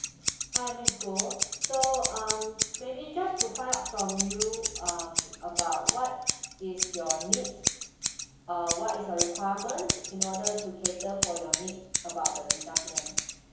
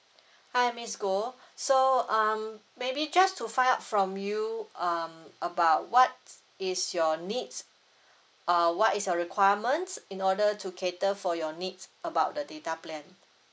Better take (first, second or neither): second